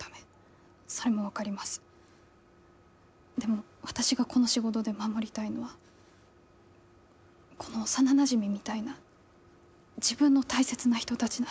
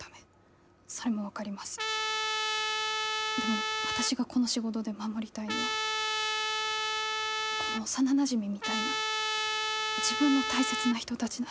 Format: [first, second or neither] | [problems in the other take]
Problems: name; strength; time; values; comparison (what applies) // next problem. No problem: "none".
first | background sound (Trumpet); 2 dB above the speech